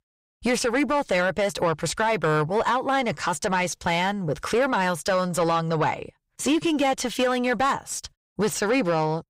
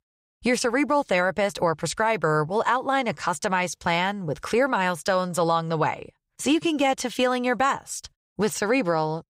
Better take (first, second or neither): second